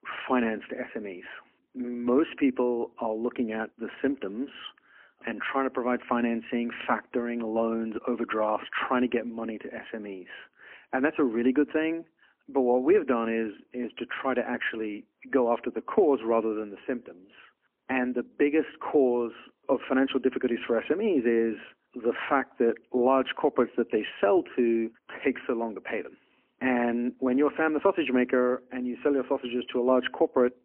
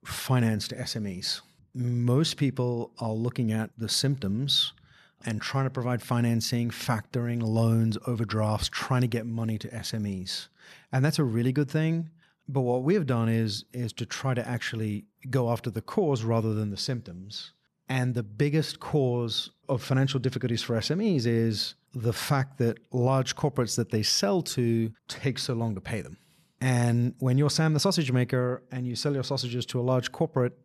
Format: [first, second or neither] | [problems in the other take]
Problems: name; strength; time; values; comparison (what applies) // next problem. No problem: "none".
second | phone-call audio; poor line; nothing above 3 kHz